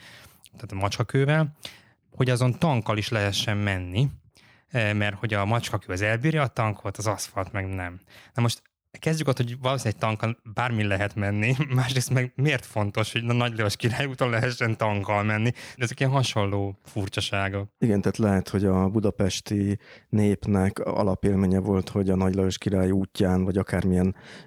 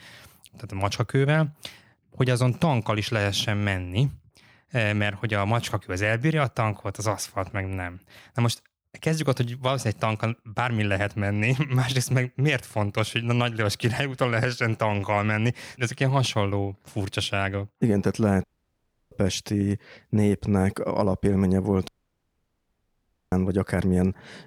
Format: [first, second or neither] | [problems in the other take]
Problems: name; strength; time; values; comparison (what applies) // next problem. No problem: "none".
first | audio cutting out; at 18 s for 0.5 s and at 22 s for 1.5 s